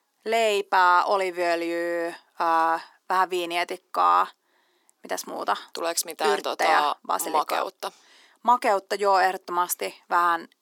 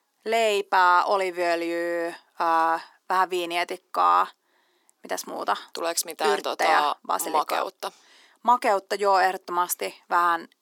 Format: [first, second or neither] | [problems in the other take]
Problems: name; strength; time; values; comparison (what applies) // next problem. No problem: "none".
neither | thin; very; fading below 300 Hz; the same in both